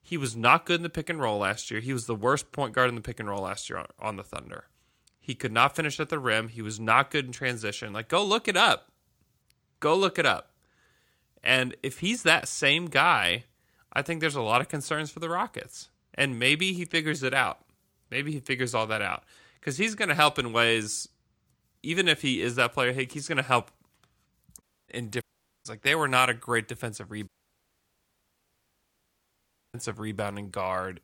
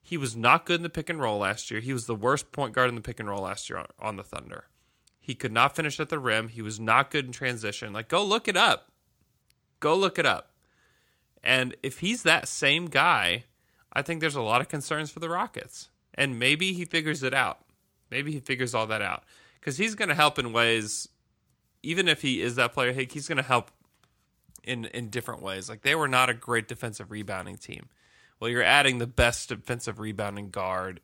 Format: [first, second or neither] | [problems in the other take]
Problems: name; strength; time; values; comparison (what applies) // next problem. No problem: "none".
second | audio cutting out; at 25 s and at 27 s for 2.5 s